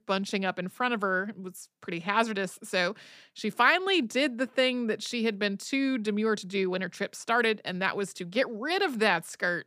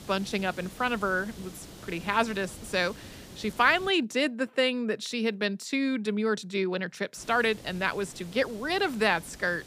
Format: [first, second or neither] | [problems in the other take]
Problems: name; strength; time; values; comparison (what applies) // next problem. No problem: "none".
first | hiss; noticeable; until 4 s and from 7 s on; 20 dB below the speech